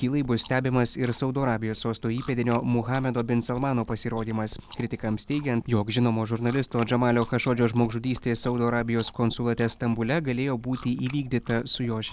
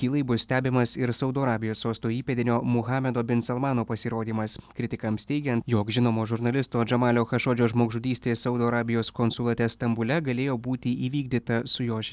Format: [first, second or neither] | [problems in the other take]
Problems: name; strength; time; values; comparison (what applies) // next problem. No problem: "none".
second | background sound (Chewing, mastication); 19 dB below the speech